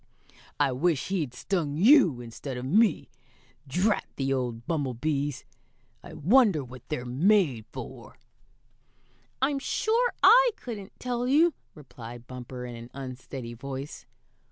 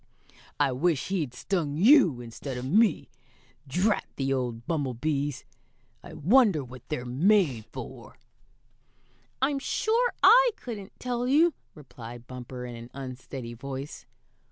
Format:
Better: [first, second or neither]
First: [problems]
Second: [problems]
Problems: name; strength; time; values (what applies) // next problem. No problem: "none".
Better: first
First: none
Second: background sound (Breathing); 19 dB below the speech